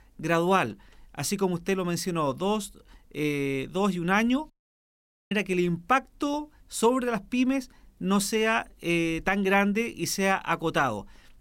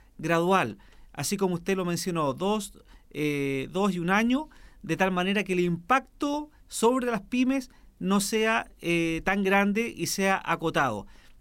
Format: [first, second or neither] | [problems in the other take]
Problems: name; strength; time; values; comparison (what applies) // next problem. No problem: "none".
second | audio cutting out; at 4.5 s for 1 s